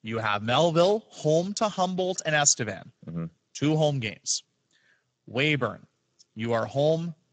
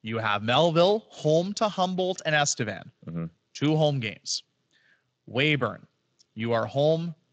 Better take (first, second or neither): second